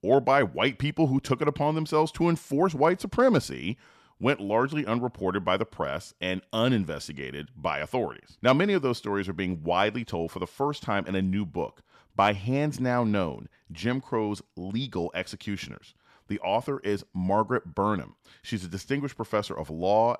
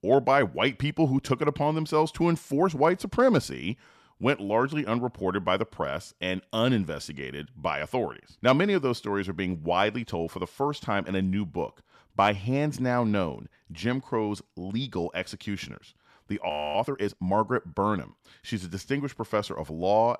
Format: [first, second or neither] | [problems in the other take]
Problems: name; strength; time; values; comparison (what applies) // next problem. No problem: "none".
first | audio freezing; at 16 s